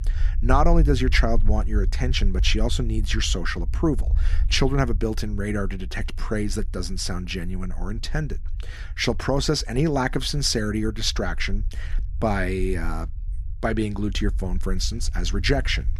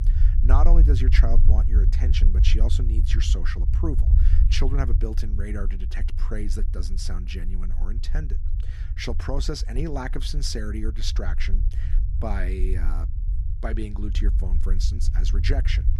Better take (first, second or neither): first